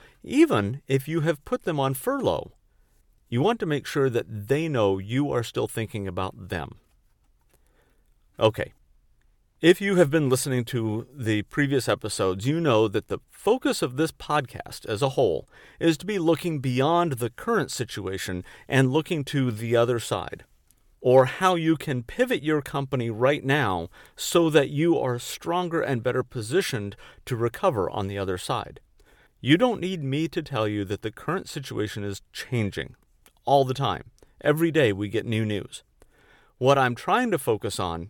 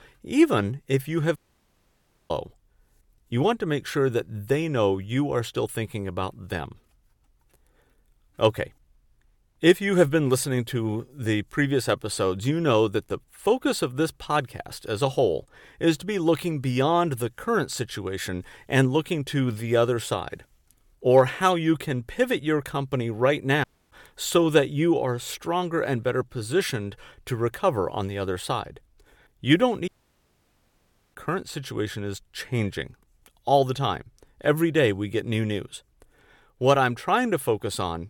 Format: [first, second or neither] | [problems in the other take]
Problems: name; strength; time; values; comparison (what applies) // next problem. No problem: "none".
first | audio cutting out; at 1.5 s for 1 s, at 24 s and at 30 s for 1.5 s